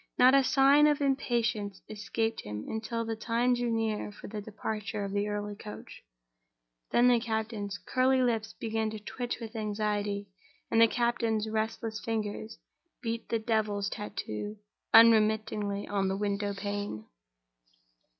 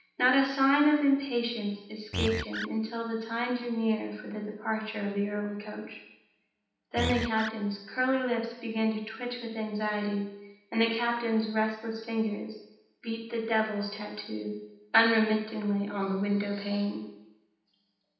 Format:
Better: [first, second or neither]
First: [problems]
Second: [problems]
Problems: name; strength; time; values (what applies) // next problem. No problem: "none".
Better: first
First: none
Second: background sound (Animal); 5 dB below the speech // room echo; dies away in 0.9 s